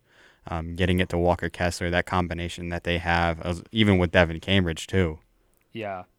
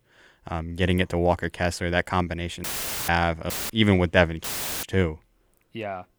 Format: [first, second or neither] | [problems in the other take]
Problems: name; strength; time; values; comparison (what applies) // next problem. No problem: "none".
first | audio cutting out; filled with static; at 2.5 s, at 3.5 s and at 4.5 s